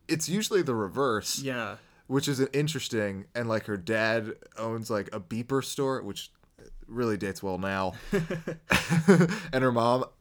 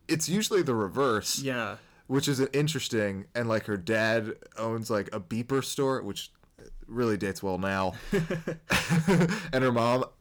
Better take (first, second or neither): first